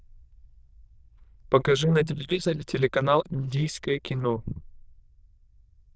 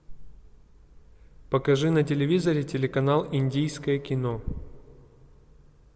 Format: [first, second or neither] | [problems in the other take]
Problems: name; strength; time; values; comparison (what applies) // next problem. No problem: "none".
second | noise reduction (neural diffusion model UNIVERSE++)